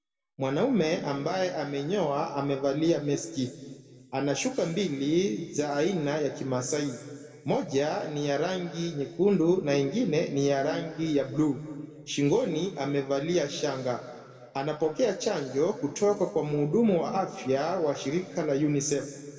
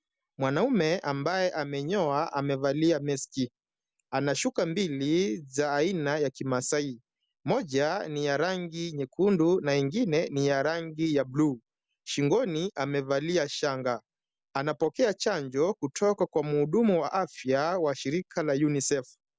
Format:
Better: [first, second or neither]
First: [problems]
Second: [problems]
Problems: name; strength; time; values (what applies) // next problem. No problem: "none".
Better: second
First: room echo; dies away in 1.7 s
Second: none